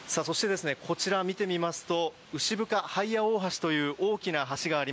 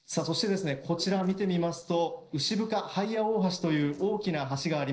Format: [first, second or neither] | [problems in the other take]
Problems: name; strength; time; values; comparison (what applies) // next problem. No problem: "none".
first | noise reduction (neural separator model SepFormer DNS4)